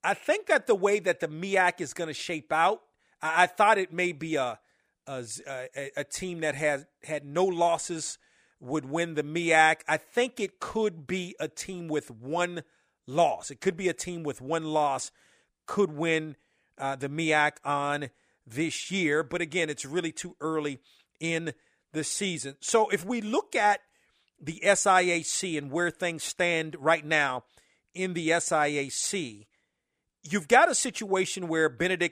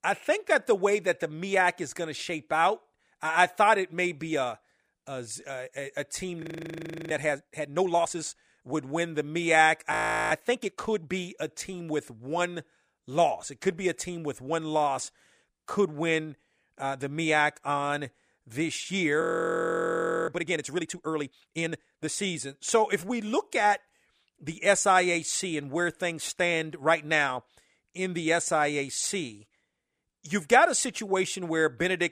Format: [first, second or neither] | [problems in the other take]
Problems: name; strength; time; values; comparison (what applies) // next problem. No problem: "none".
first | audio freezing; at 6.5 s for 0.5 s, at 10 s and at 19 s for 1 s